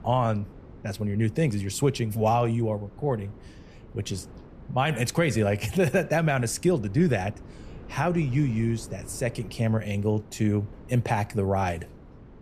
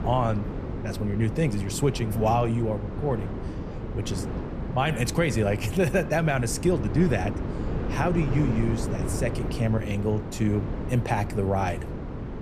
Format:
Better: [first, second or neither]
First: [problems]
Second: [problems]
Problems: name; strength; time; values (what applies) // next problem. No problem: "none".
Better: first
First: wind noise on the microphone; occasional gusts; 25 dB below the speech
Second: wind noise on the microphone; heavy; 9 dB below the speech